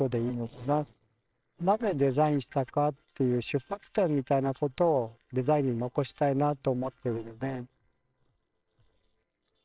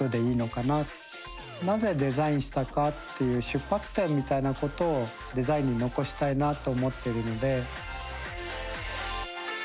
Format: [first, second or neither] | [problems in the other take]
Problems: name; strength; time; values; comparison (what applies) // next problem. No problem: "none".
second | noise reduction (neural separator model SepFormer WHAMR!)